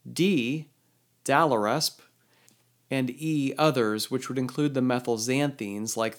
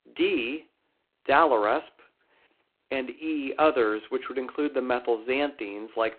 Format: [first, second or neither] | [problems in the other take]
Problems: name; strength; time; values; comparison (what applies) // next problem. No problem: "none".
first | phone-call audio; poor line; nothing above 4 kHz